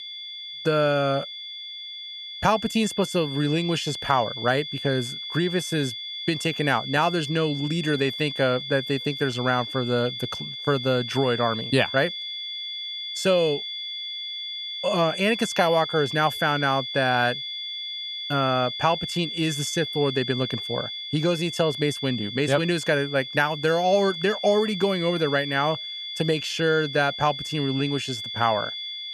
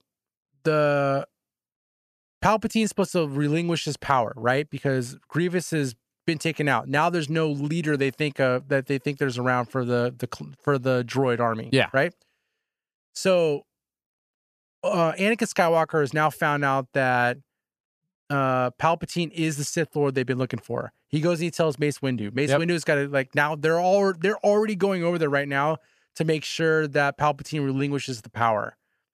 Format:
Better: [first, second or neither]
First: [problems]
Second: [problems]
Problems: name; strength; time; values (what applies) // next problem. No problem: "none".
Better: second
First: high-pitched whine; loud; throughout; 3.5 kHz, 7 dB below the speech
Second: none